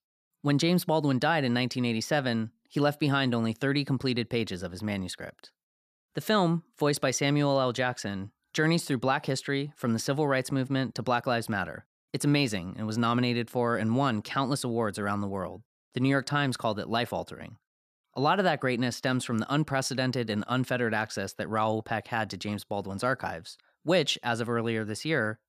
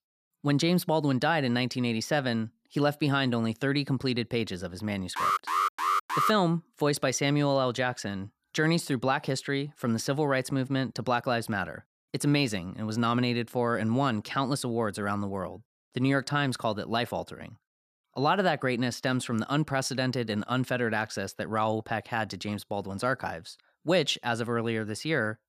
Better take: first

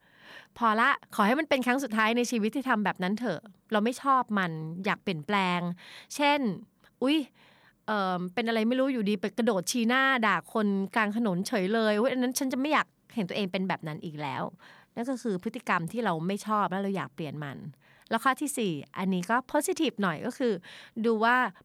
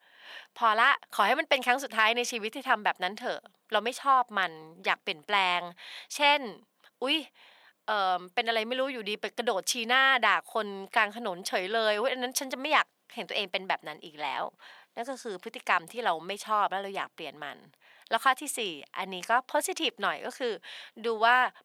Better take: first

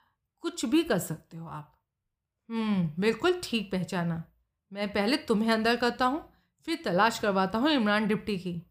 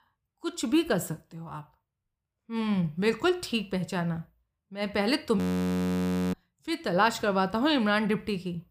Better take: first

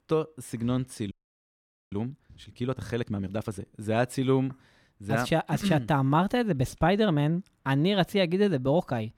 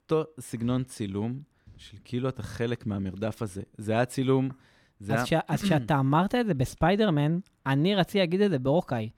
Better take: second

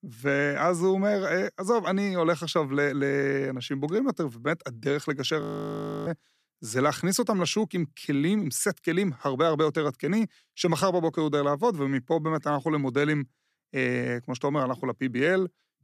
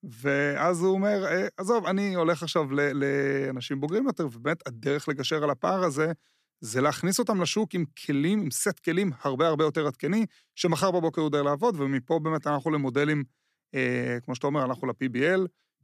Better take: second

